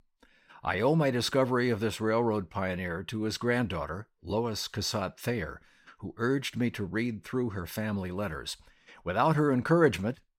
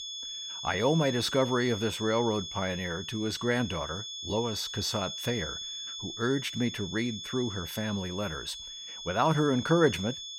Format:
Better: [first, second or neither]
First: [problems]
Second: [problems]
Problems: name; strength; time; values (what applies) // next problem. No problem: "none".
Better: first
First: none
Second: high-pitched whine; loud; throughout; 3.5 kHz, 7 dB below the speech